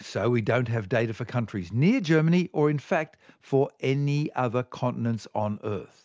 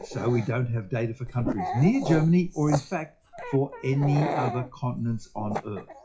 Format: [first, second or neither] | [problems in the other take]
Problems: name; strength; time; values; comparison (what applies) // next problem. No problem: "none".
first | noise reduction (classical method WPE with log-MMSE)